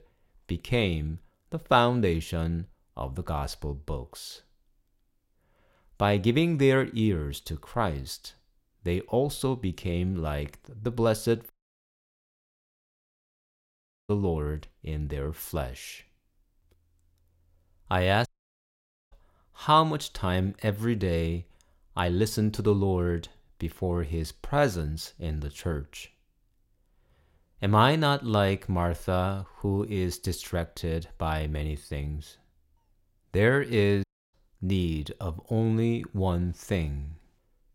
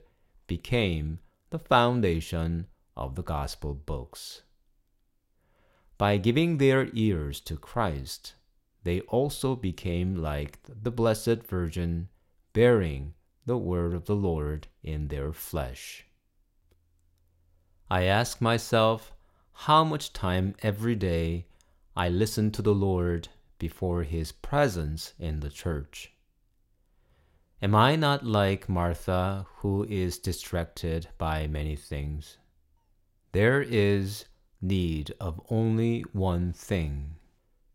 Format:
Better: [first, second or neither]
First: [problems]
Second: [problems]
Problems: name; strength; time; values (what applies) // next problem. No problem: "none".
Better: second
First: audio cutting out; at 12 s for 2.5 s, at 18 s for 1 s and at 34 s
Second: none